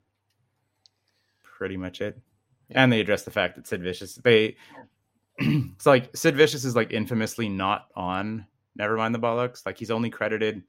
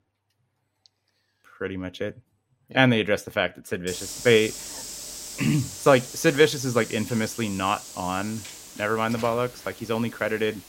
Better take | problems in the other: first | hiss; noticeable; from 4 s on; 10 dB below the speech

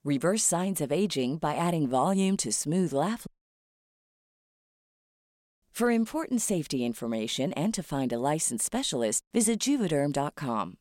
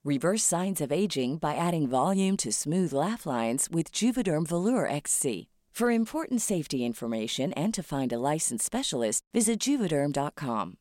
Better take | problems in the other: second | audio cutting out; at 3.5 s for 2.5 s

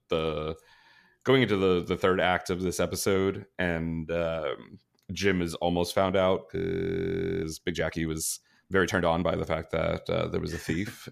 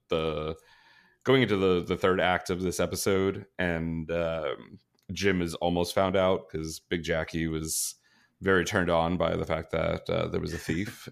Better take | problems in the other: second | audio freezing; at 6.5 s for 1 s

